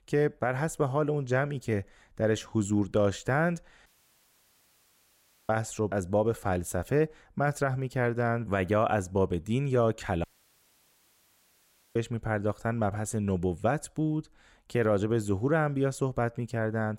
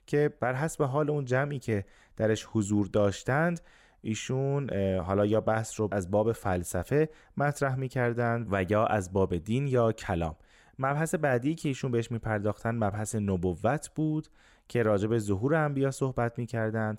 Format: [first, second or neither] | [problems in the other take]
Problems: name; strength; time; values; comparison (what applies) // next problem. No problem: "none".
second | audio cutting out; at 4 s for 1.5 s and at 10 s for 1.5 s